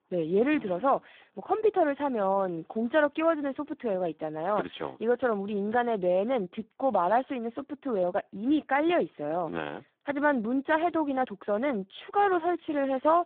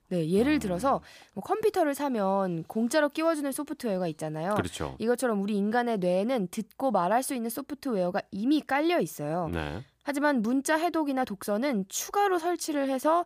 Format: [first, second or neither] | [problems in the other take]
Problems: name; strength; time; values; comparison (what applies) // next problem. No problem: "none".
second | phone-call audio; poor line